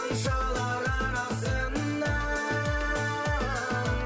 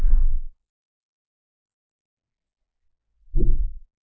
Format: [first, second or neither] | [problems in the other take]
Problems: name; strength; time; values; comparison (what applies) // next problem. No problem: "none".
first | noise reduction (neural mask model Resemble Enhance denoiser)